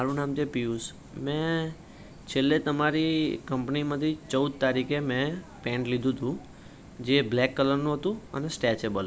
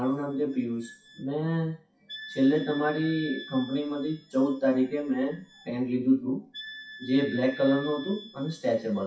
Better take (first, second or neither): first